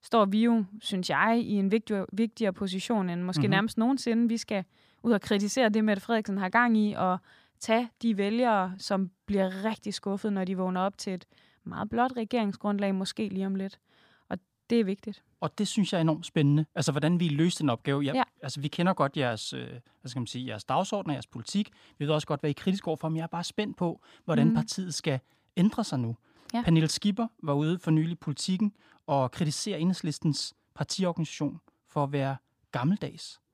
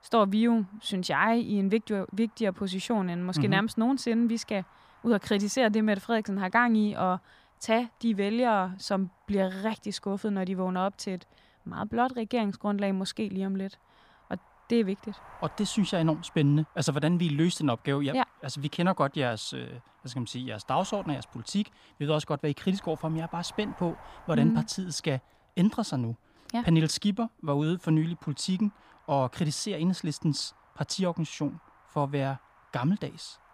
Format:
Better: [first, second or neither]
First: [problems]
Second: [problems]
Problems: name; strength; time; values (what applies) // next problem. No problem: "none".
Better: first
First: none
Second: wind noise on the microphone; occasional gusts; 25 dB below the speech